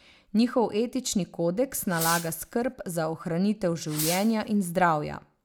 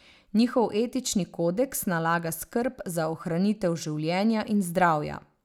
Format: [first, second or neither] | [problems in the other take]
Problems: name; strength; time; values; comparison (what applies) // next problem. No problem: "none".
second | background sound (Fireworks); 9 dB below the speech